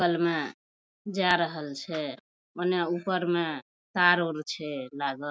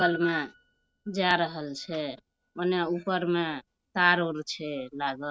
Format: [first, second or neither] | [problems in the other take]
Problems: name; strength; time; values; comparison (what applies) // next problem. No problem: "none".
first | noise reduction (neural mask model RNNoise)